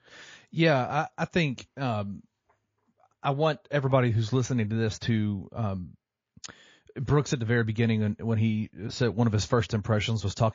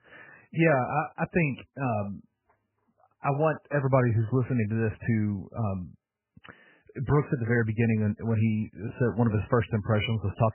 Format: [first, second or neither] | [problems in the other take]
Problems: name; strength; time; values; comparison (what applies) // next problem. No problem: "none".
first | garbled, watery; badly; nothing above 2.5 kHz; slightly in the first